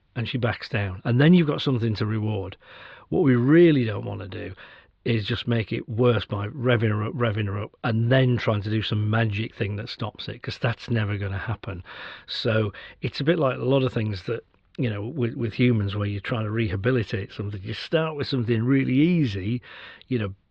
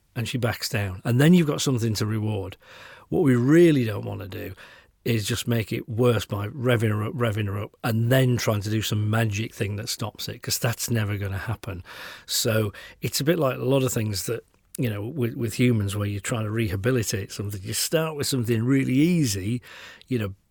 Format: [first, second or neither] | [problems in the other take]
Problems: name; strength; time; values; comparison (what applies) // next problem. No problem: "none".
second | muffled; slightly; fading above 4 kHz